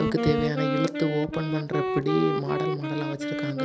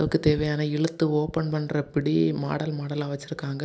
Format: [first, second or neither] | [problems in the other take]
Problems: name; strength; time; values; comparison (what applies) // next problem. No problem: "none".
second | background sound (Wind instrument, woodwind instrument); 1 dB below the speech